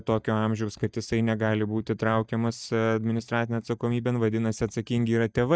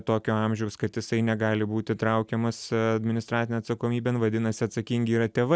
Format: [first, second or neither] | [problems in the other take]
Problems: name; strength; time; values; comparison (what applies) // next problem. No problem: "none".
second | noise reduction (neural mask model DeepFilterNet 3)